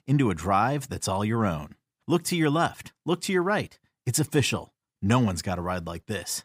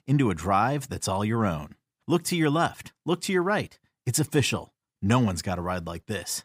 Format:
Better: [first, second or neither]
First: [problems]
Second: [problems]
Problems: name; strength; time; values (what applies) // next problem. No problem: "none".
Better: neither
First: none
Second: none